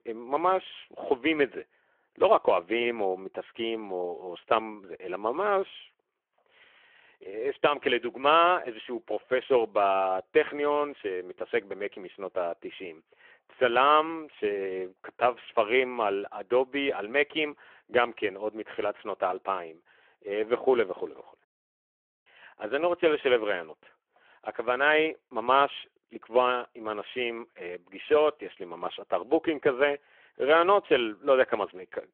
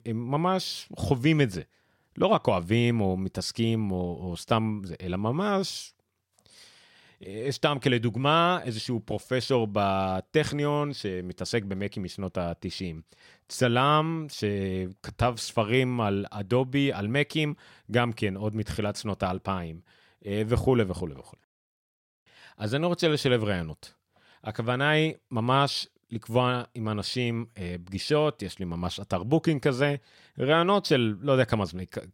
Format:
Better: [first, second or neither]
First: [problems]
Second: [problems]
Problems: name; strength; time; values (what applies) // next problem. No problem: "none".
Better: second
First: phone-call audio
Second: none